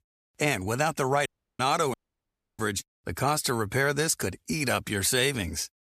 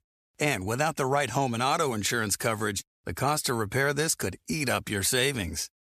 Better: second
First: audio cutting out; at 1.5 s and at 2 s for 0.5 s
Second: none

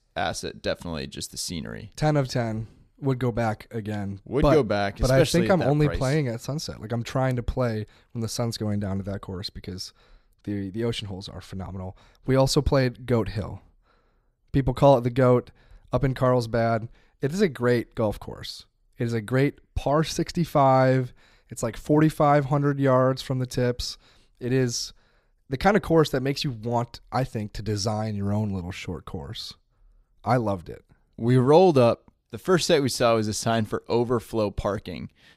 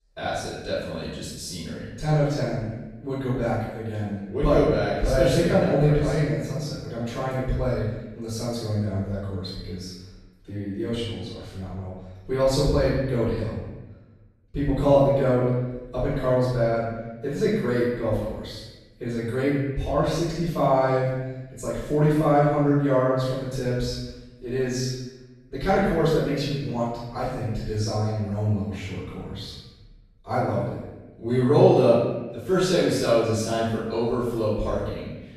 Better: first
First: none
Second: off-mic speech; far // room echo; strong; dies away in 1 s

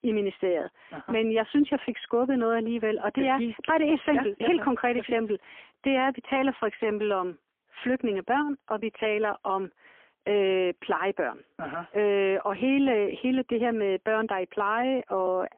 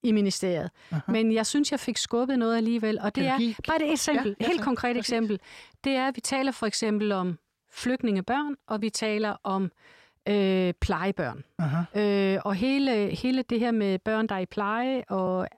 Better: second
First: phone-call audio; poor line; nothing above 3.5 kHz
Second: none

